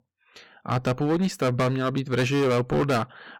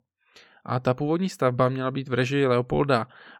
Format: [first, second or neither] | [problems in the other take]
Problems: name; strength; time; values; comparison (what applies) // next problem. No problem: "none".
second | distortion; heavy; 13% of the sound clipped